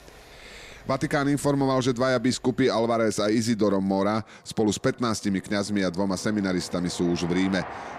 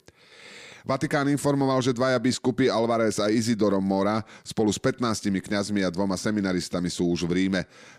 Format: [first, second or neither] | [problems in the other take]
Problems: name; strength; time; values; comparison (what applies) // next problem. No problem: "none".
second | train or aircraft noise; noticeable; throughout; 20 dB below the speech